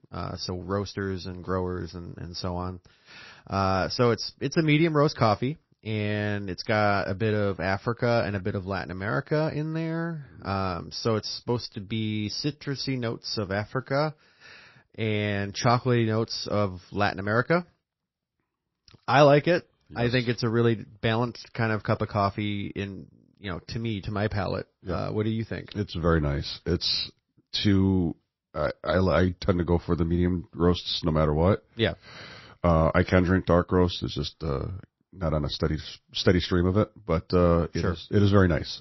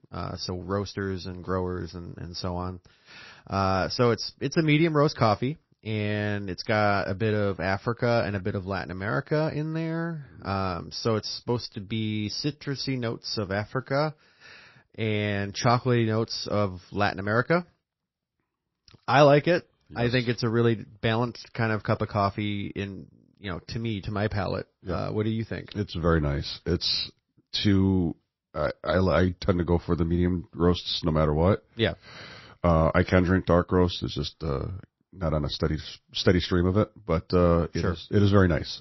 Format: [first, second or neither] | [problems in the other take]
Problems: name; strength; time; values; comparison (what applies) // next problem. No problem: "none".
neither | garbled, watery; slightly; nothing above 5.5 kHz; the same in both